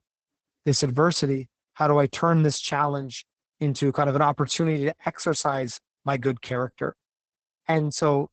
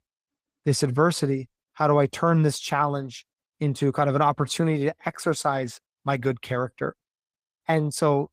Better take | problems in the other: second | garbled, watery; badly; nothing above 8 kHz; slightly in the second

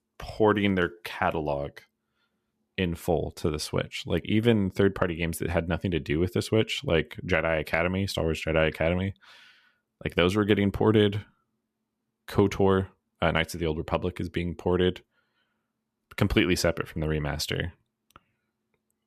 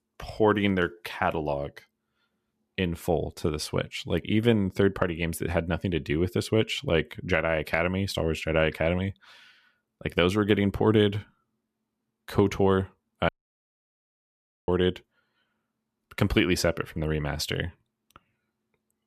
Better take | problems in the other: first | audio cutting out; at 13 s for 1.5 s

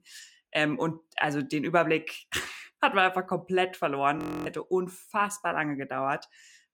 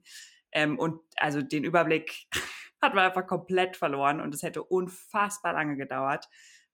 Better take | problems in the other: second | audio freezing; at 4 s

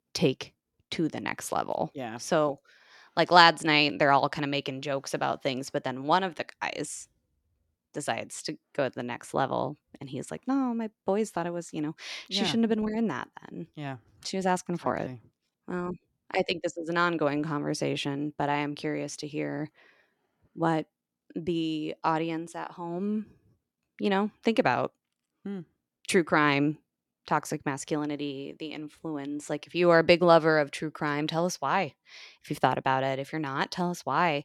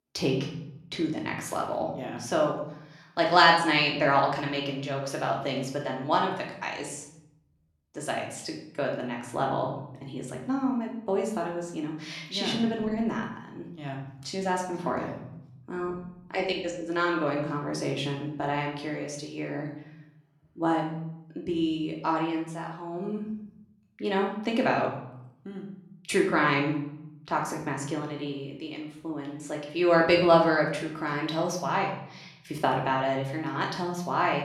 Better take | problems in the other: first | room echo; slight; dies away in 0.7 s // off-mic speech; somewhat distant

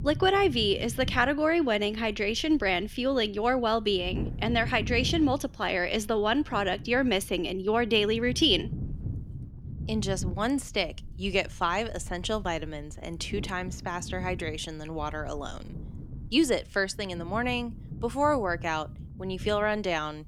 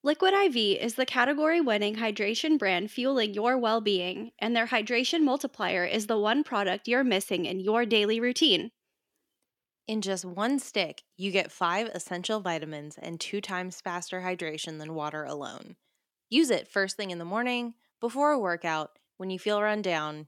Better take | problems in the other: second | wind noise on the microphone; occasional gusts; 20 dB below the speech

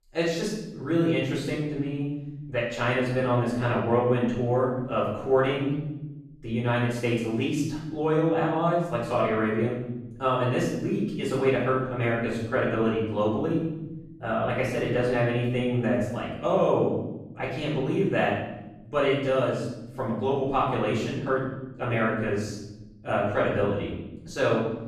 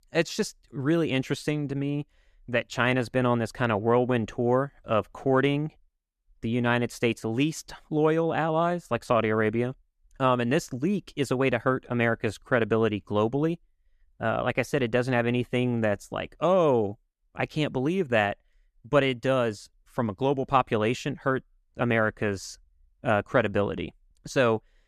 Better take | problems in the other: second | off-mic speech; far // room echo; noticeable; dies away in 0.9 s

